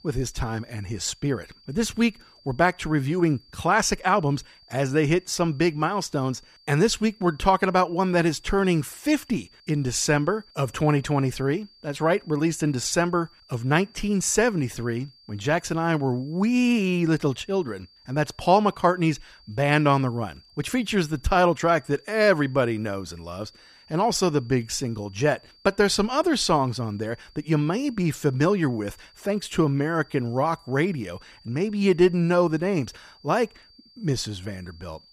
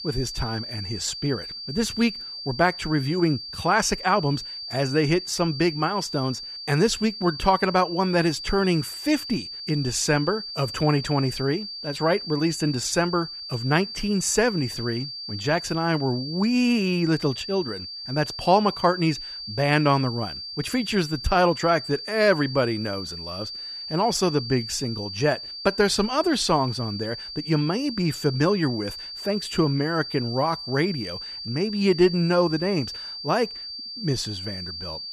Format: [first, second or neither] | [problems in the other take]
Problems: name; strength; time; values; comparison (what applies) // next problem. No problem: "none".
first | high-pitched whine; loud; throughout; 4.5 kHz, 9 dB below the speech; faint in the first